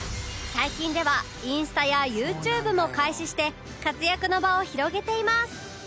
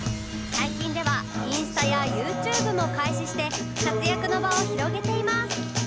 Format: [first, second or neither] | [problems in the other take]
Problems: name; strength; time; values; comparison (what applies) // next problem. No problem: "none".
first | background sound (Acoustic guitar); 1 dB above the speech